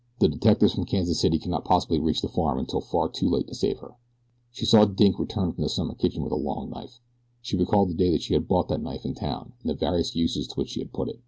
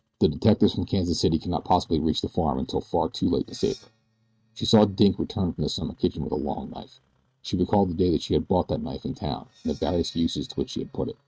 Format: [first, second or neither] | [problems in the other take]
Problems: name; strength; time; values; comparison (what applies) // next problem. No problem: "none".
first | noise reduction (neural mask model RNNoise)